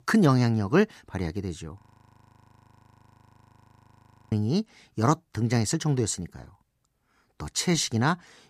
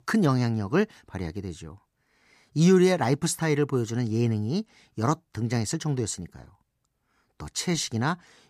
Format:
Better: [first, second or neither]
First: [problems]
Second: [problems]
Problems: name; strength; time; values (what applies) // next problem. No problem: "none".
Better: second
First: audio freezing; at 2 s for 2.5 s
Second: none